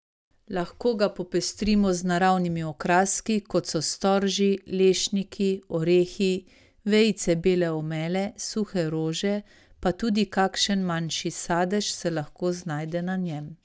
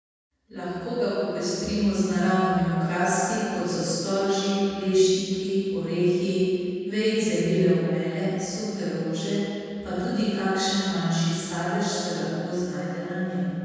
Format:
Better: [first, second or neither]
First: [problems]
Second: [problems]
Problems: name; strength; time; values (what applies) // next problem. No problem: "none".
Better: first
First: none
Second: room echo; dies away in 2.1 s